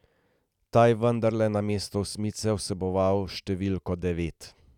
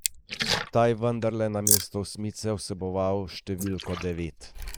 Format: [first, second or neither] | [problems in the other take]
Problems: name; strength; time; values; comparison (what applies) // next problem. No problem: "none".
first | noise reduction (neural mask model Resemble Enhance denoiser)